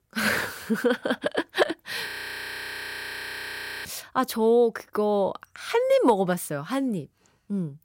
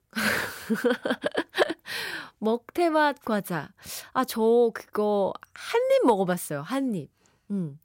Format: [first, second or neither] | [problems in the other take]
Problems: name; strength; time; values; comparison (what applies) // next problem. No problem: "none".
second | audio freezing; at 2 s for 2 s